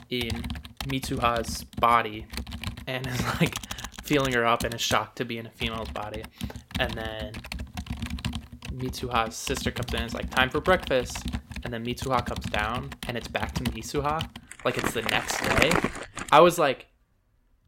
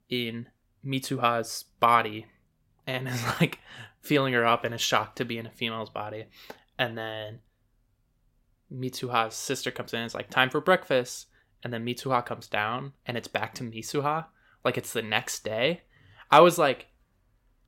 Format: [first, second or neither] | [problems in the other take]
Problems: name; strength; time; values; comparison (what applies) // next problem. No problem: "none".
second | household noises; loud; throughout; 7 dB below the speech